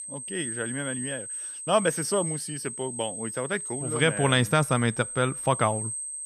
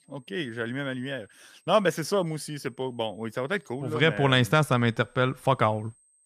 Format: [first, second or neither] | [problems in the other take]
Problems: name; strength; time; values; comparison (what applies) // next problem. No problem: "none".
second | high-pitched whine; loud; throughout; 8.5 kHz, 5 dB below the speech; faint in the second